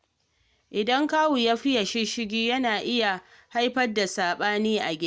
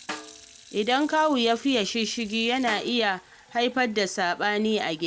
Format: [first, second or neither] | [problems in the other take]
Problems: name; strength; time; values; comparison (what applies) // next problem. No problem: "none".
first | background sound (Snare drum + Fill (with liquid) / Sink (filling or washing)); 19 dB below the speech